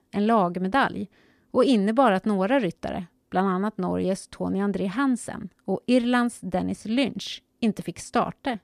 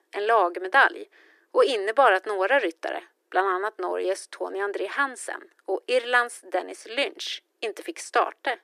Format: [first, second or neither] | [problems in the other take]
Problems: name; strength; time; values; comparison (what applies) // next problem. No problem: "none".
first | thin; very; fading below 300 Hz